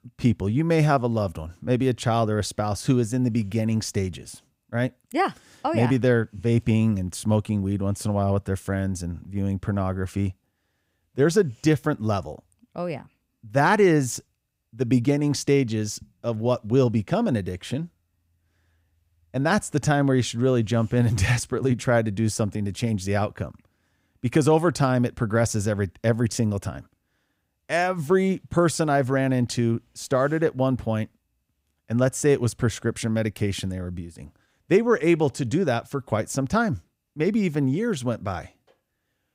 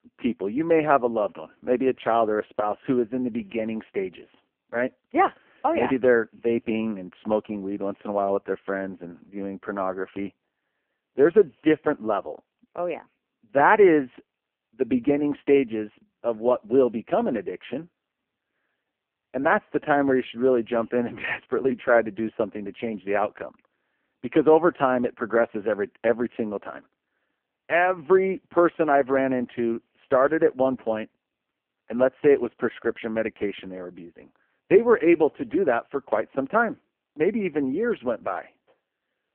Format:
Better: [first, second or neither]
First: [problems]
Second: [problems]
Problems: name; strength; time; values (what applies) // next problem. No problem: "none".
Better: first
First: none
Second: phone-call audio; poor line